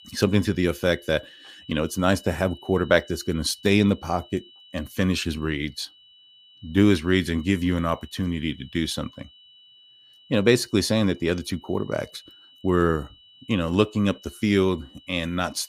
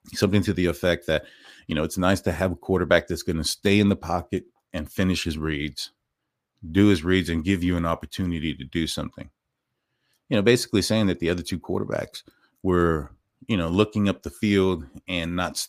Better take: second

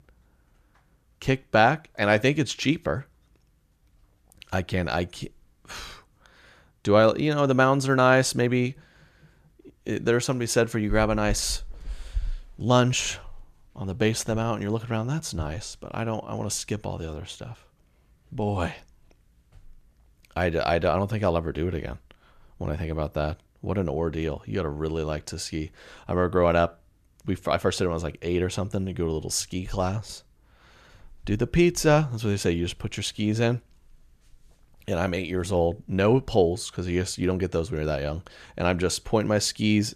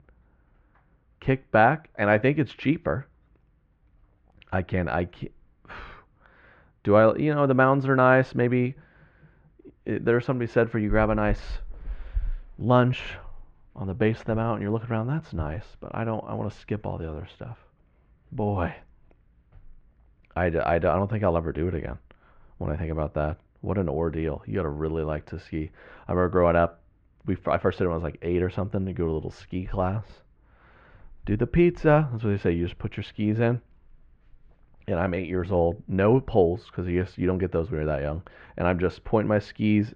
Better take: first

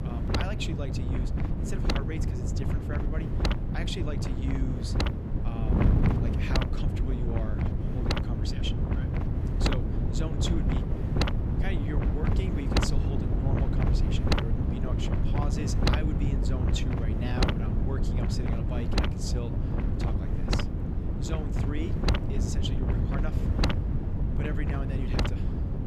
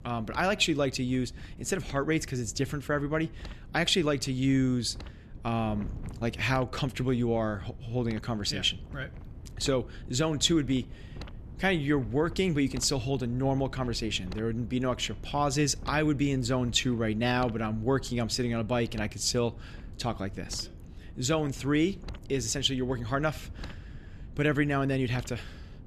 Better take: second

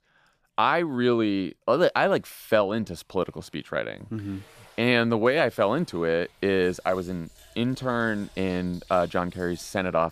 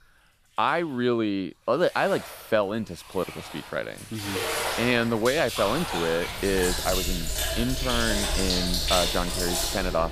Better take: first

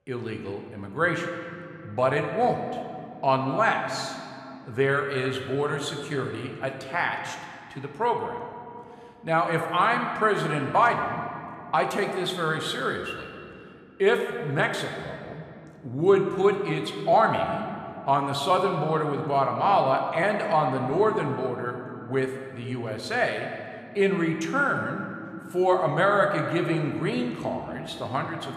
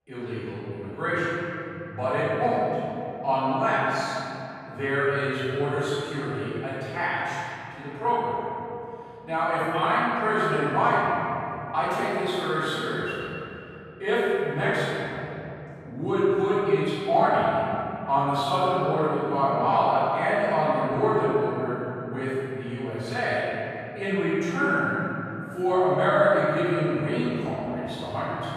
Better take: first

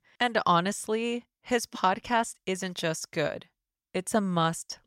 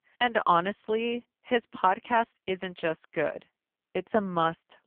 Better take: first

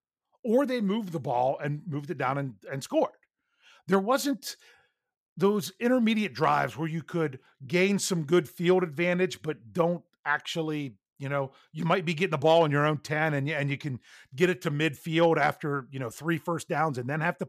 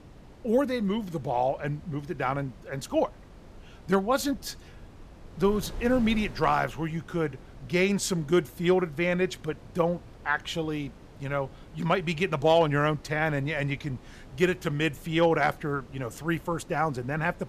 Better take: first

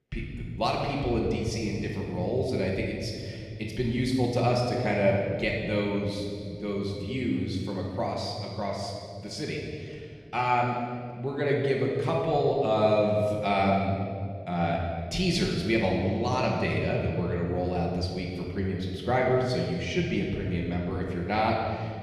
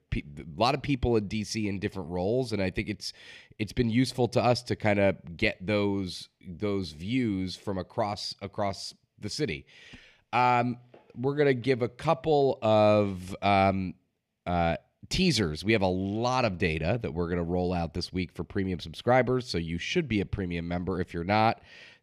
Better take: second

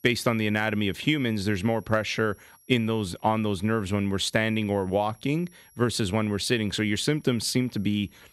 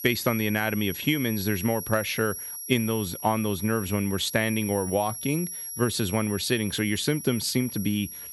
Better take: first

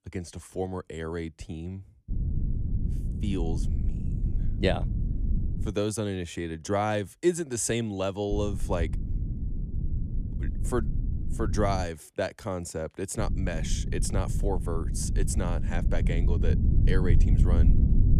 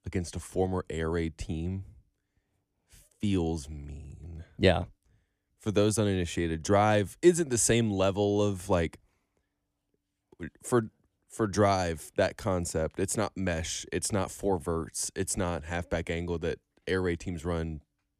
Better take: second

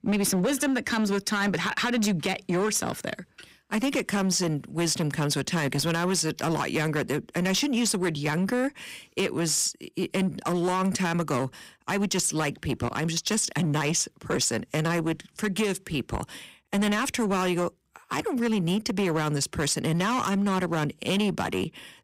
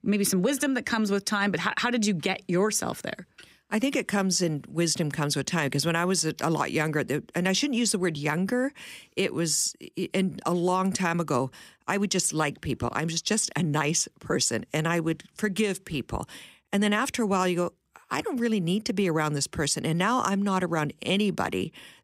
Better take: second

